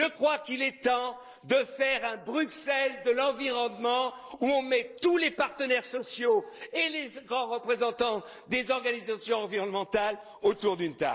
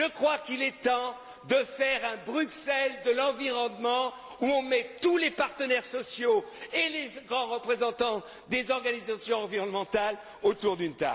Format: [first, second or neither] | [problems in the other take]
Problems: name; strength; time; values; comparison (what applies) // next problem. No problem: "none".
second | noise reduction (neural mask model Resemble Enhance denoiser)